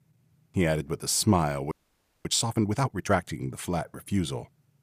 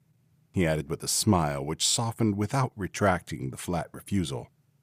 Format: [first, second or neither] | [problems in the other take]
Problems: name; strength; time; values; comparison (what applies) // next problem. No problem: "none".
second | audio freezing; at 1.5 s for 0.5 s